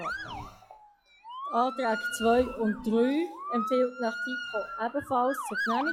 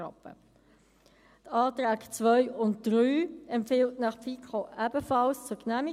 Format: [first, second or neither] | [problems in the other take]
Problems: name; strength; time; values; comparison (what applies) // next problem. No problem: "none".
second | noise reduction (classical method log-MMSE)